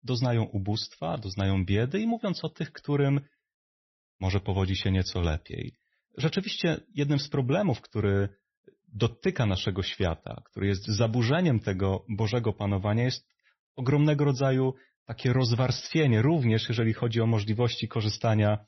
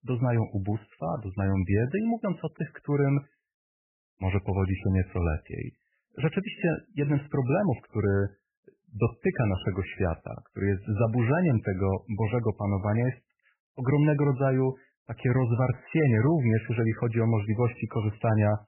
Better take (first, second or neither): first